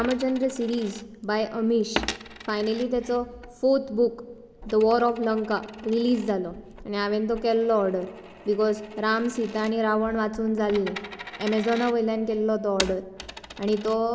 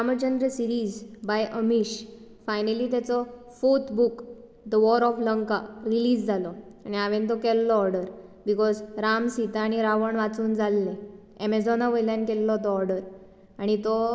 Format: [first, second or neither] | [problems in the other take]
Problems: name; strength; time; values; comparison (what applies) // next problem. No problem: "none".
second | background sound (Coin (dropping)); 14 dB below the speech